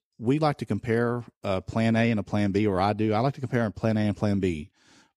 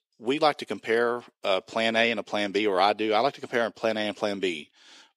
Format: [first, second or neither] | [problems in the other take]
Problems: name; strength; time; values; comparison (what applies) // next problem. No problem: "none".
first | thin; somewhat; fading below 450 Hz